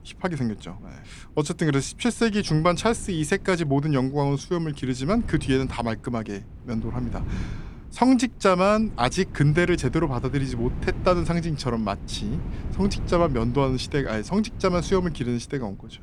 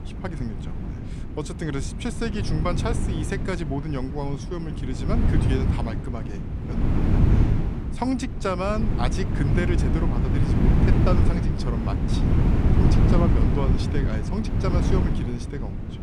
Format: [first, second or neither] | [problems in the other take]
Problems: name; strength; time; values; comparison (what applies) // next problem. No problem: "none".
first | wind noise on the microphone; heavy; 2 dB below the speech; occasional gusts in the first